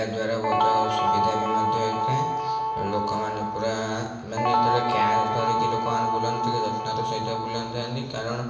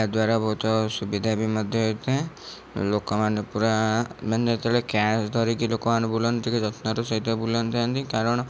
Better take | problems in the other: second | background sound (Guitar); 4 dB above the speech // room echo; dies away in 1.1 s

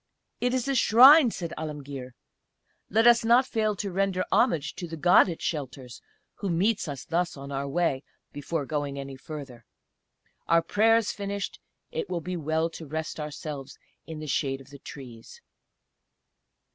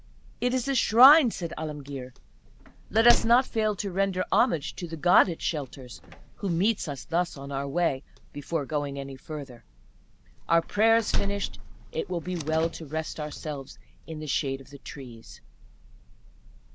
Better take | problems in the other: first | background sound (Slam); 6 dB below the speech

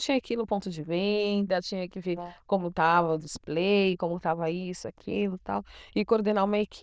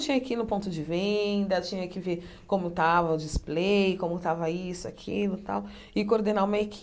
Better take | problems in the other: second | noise reduction (neural diffusion model UNIVERSE++)

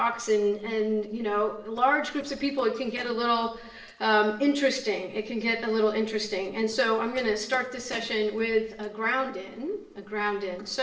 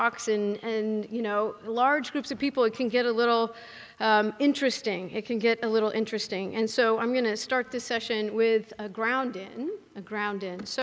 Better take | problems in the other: second | noise reduction (neural separator model SepFormer DNS4)

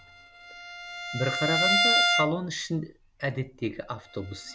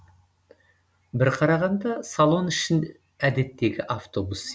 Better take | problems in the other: second | background sound (Bowed string instrument); 3 dB above the speech

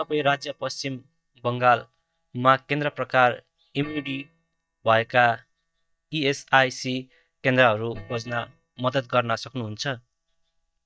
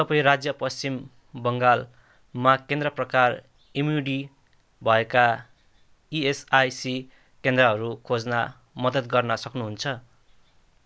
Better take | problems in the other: second | noise reduction (neural mask model DeepFilterNet 3)

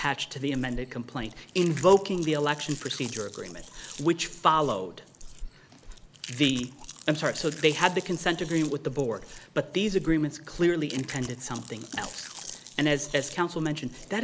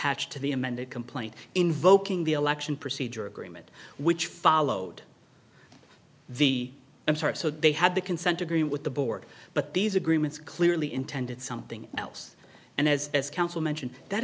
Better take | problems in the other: second | background sound (Chewing, mastication); 15 dB below the speech

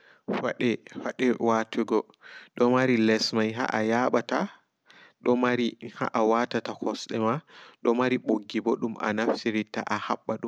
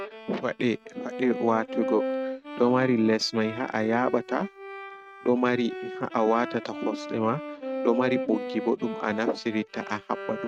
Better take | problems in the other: first | noise reduction (neural mask model RNNoise)

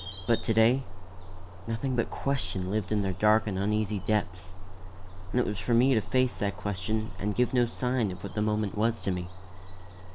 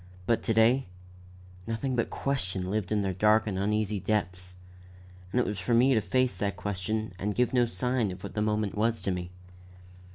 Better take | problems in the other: second | background sound (Bird vocalization, bird call, bird song); 7 dB below the speech

